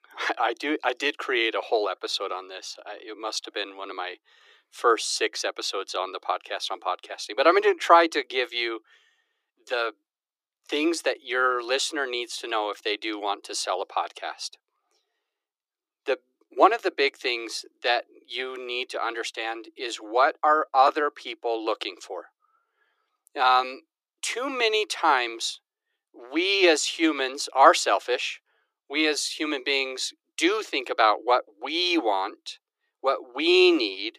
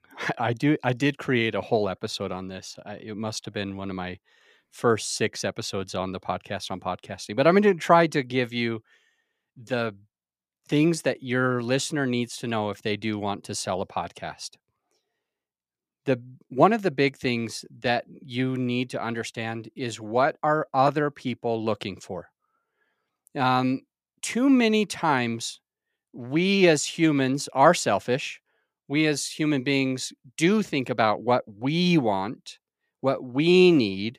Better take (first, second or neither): second